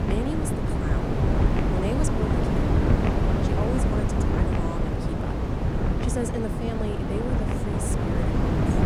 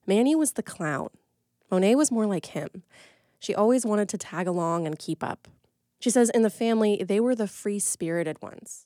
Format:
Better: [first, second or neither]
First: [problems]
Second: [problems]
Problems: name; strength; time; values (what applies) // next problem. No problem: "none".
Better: second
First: wind noise on the microphone; heavy; 5 dB above the speech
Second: none